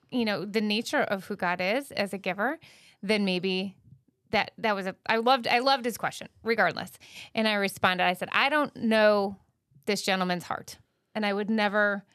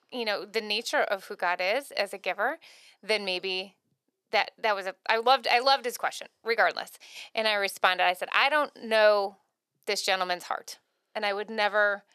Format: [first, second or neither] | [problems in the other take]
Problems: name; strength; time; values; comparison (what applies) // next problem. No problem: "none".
first | thin; somewhat; fading below 550 Hz